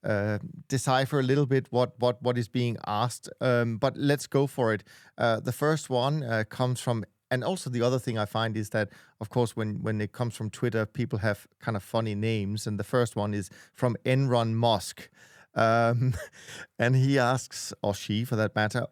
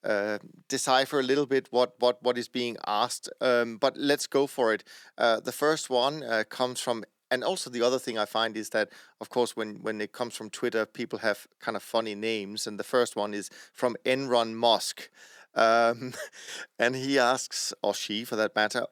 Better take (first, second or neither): first